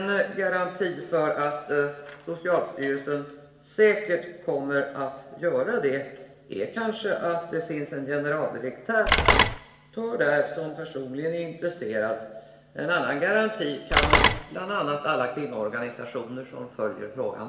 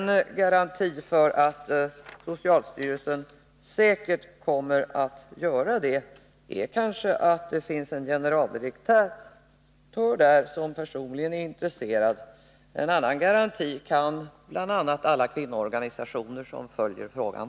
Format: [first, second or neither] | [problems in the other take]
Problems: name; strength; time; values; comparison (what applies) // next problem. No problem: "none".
second | background sound (Telephone); 4 dB above the speech // room echo; dies away in 0.9 s